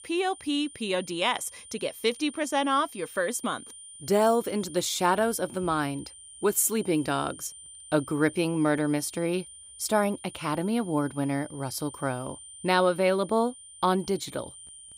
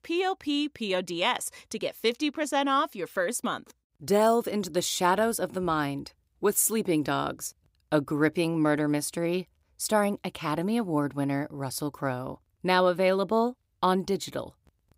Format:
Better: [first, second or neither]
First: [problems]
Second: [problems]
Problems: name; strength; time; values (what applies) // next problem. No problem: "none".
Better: second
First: high-pitched whine; noticeable; throughout; 9 kHz, 15 dB below the speech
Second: none